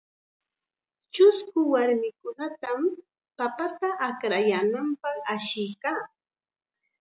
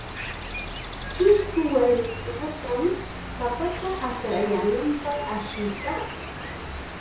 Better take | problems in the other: first | background sound (Cricket); 8 dB below the speech // room echo; dies away in 0.6 s

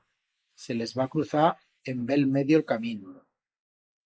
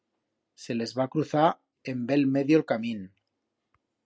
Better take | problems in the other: second | noise reduction (neural mask model Resemble Enhance denoiser)

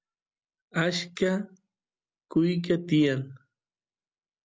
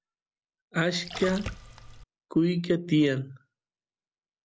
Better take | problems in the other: first | background sound (Splash, splatter); 10 dB below the speech

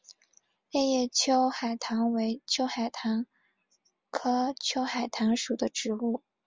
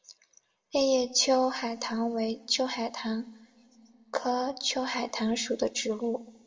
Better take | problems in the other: first | room echo; dies away in 1.9 s

